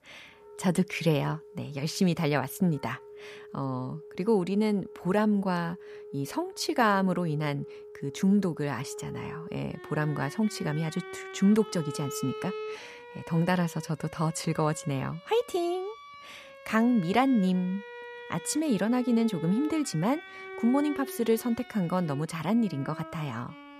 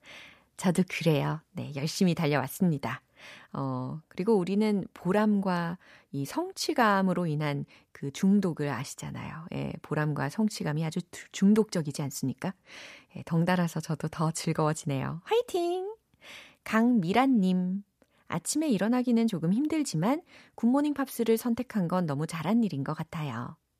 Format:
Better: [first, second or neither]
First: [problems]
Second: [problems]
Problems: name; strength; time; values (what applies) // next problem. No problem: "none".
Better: second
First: background music; noticeable; throughout; 15 dB below the speech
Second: none